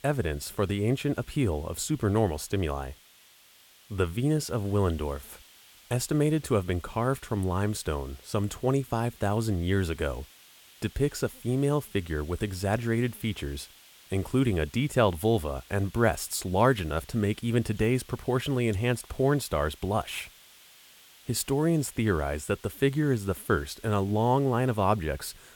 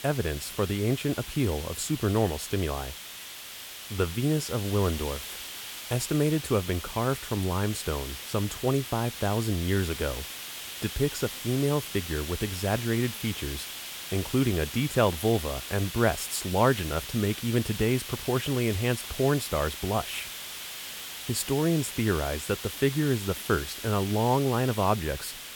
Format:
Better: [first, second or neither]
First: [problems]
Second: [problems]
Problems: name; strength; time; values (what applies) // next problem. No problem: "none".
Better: first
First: hiss; faint; throughout; 25 dB below the speech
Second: hiss; loud; throughout; 8 dB below the speech